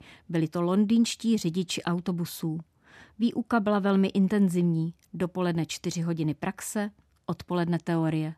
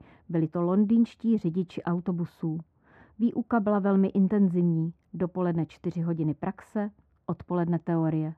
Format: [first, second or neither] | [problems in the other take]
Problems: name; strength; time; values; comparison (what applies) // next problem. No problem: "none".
first | muffled; very; fading above 2.5 kHz